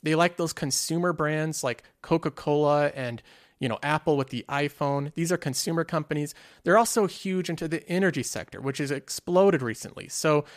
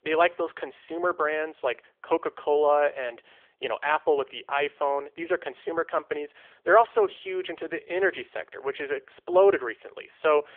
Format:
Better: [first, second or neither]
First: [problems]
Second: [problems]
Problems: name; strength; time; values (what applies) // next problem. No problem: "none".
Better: first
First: none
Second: phone-call audio; nothing above 3.5 kHz